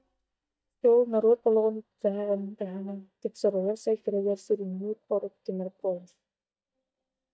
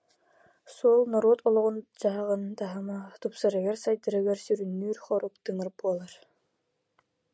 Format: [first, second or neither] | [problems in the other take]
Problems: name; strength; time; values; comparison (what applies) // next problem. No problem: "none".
second | noise reduction (neural mask model DeepFilterNet 3)